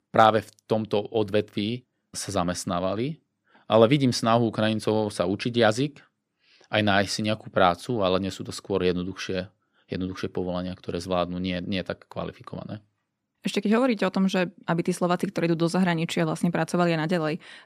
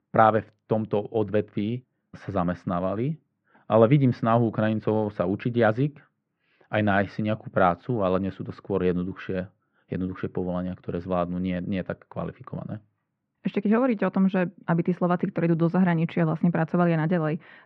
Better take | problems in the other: first | muffled; very; fading above 2 kHz

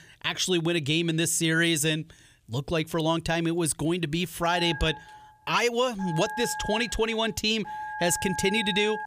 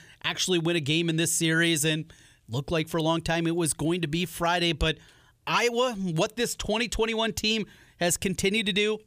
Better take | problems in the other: second | phone ringing; noticeable; from 4.5 s on; peak 8 dB below the speech

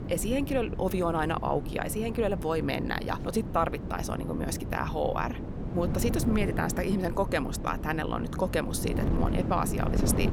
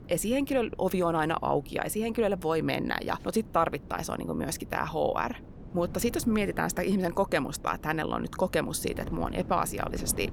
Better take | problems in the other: second | wind noise on the microphone; heavy; 10 dB below the speech; occasional gusts in the second

